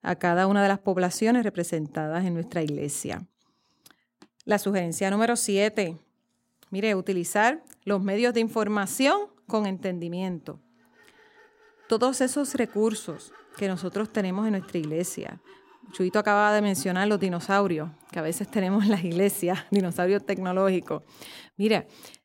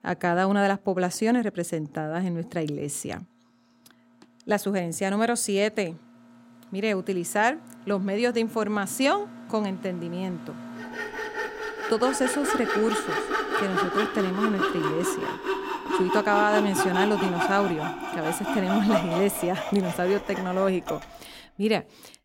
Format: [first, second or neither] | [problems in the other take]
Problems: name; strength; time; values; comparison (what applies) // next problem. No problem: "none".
first | machinery noise; loud; throughout; 3 dB below the speech; faint in the first